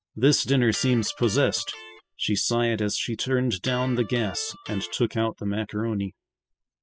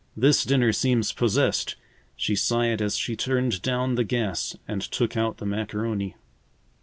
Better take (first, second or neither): second